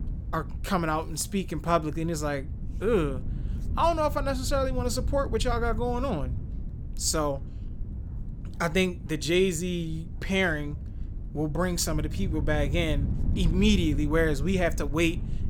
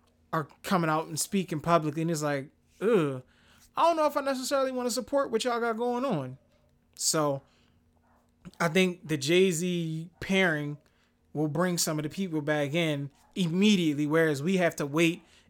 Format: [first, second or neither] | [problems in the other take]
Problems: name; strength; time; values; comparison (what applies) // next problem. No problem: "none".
second | wind noise on the microphone; occasional gusts; 20 dB below the speech